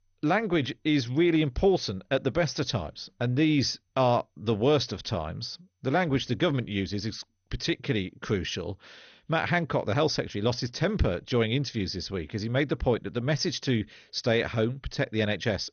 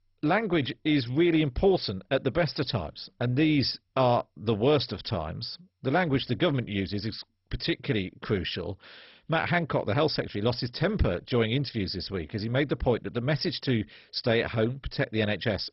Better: first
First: garbled, watery; slightly; nothing above 6.5 kHz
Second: garbled, watery; badly; nothing above 5.5 kHz

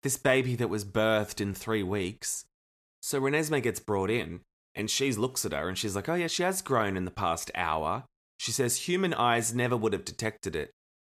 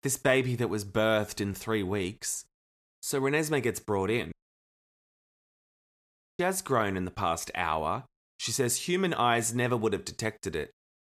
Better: first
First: none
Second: audio cutting out; at 4.5 s for 2 s

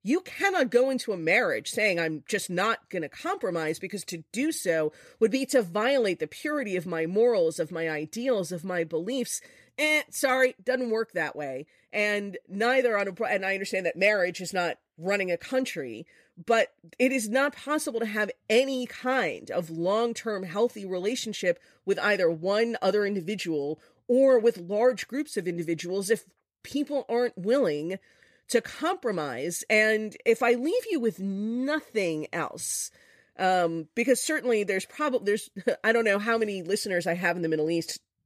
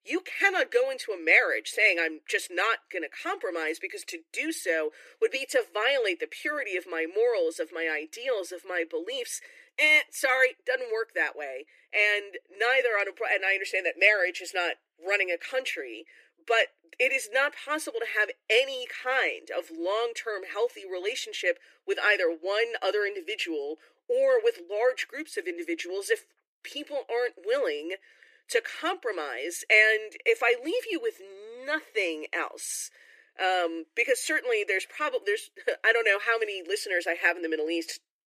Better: first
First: none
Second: thin; very; fading below 300 Hz

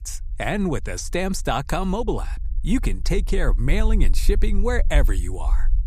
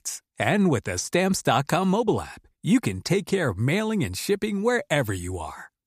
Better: second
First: low rumble; faint; throughout; 25 dB below the speech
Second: none

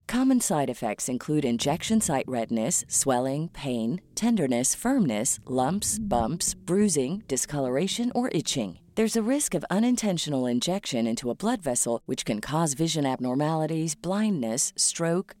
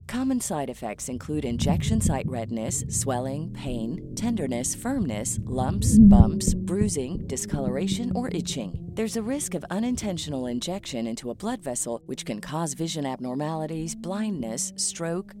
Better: first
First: low rumble; faint; throughout; 25 dB below the speech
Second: low rumble; loud; throughout; 1 dB below the speech

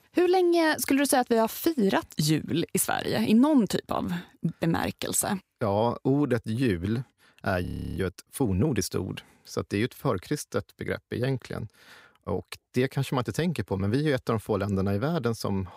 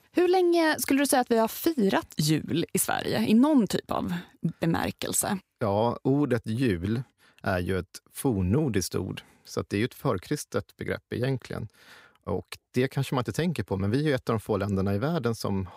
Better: second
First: audio freezing; at 7.5 s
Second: none

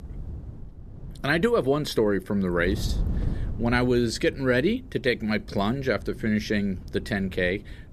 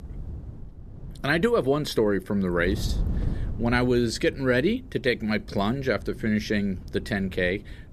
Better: neither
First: wind noise on the microphone; occasional gusts; 20 dB below the speech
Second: wind noise on the microphone; occasional gusts; 20 dB below the speech

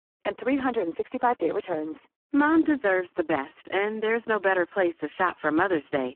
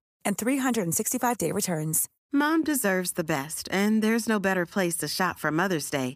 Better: second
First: phone-call audio; poor line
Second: none

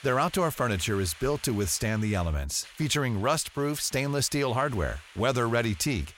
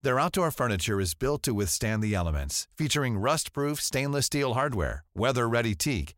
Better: second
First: hiss; faint; throughout; 20 dB below the speech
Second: none

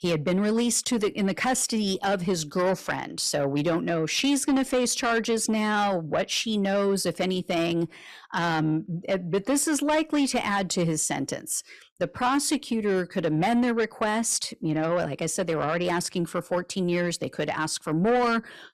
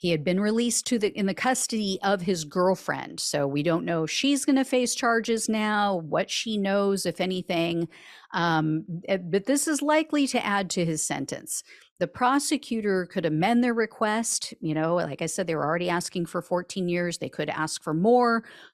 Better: second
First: distortion; slight; 10 dB below the speech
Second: none

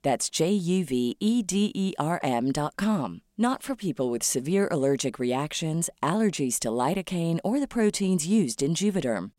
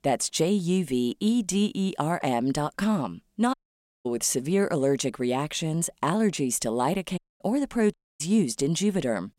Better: first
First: none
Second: audio cutting out; at 3.5 s for 0.5 s, at 7 s and at 8 s

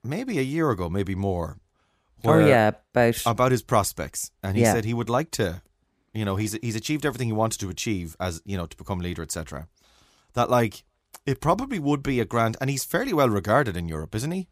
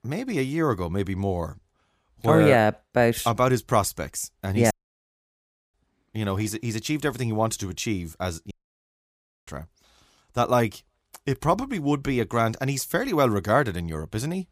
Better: first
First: none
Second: audio cutting out; at 4.5 s for 1 s and at 8.5 s for 1 s

